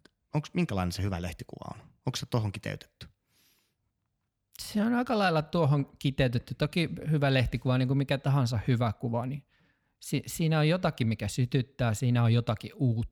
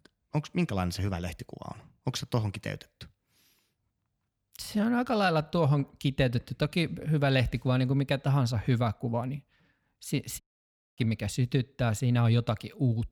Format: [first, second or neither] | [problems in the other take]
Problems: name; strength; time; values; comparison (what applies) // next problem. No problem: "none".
first | audio cutting out; at 10 s for 0.5 s